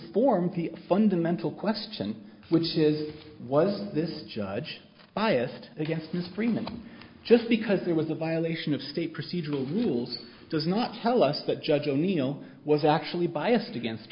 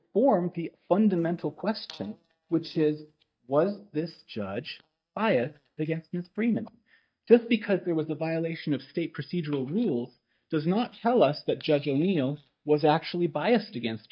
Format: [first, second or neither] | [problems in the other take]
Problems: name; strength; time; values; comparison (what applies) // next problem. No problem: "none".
first | noise reduction (neural mask model DeepFilterNet 3)